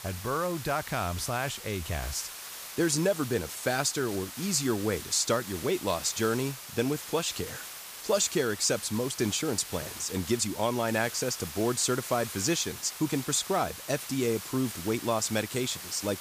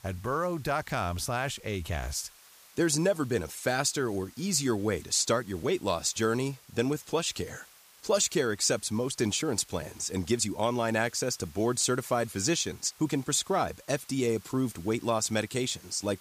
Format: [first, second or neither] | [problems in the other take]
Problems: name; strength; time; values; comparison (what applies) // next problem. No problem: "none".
second | hiss; loud; throughout; 10 dB below the speech; faint in the second